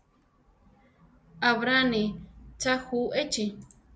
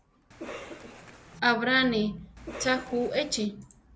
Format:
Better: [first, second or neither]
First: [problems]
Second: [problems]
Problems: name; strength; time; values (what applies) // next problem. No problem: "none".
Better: first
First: none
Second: background sound (Cough); 14 dB below the speech